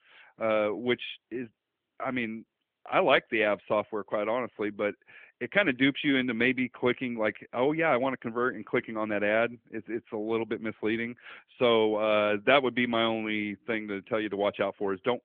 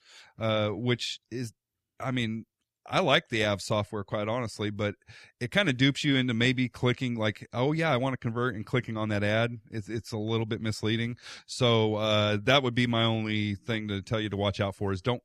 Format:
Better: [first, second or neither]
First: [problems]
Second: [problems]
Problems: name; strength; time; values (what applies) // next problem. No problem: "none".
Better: second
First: phone-call audio; nothing above 3.5 kHz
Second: none